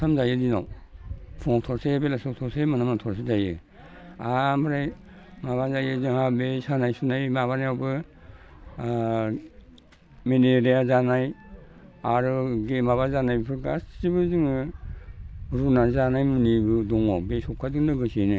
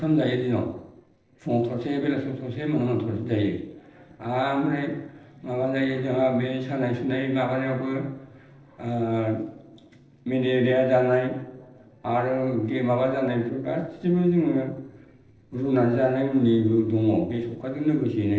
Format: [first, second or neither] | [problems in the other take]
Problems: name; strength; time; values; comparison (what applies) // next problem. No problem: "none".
first | noise reduction (neural separator model SepFormer DNS4)